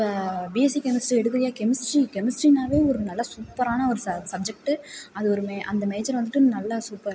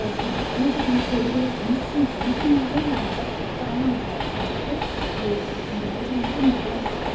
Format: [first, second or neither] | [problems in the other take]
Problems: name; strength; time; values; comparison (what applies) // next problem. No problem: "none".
first | background sound (Train); 2 dB below the speech // room echo; dies away in 0.4 s